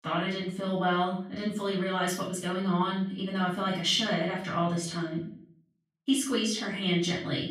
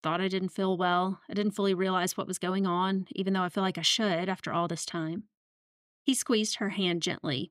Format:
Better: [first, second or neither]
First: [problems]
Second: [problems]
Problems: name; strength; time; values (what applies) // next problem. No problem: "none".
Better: second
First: off-mic speech; far // room echo; noticeable; dies away in 0.5 s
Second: none